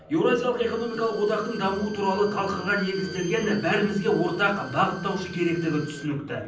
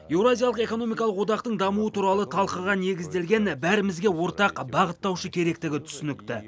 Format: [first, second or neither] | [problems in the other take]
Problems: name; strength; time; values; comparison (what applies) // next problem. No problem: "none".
second | background sound (Bowed string instrument); 18 dB below the speech // room echo; dies away in 0.6 s